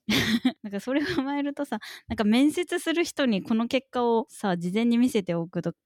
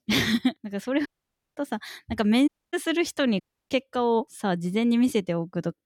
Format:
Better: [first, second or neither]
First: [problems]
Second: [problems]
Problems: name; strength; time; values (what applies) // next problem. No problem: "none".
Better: first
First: none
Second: audio cutting out; at 1 s for 0.5 s, at 2.5 s and at 3.5 s